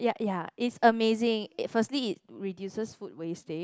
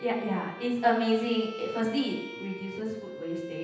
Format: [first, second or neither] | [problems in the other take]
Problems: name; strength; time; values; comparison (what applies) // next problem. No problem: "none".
first | background sound (Bowed string instrument); 13 dB below the speech // room echo; dies away in 0.9 s